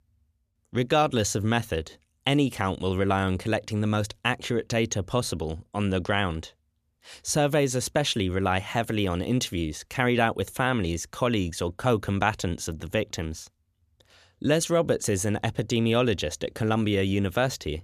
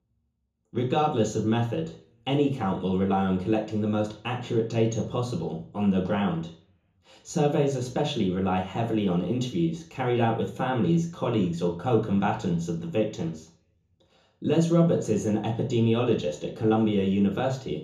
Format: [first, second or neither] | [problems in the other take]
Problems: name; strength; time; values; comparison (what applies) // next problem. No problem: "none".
first | room echo; slight; dies away in 0.6 s // off-mic speech; far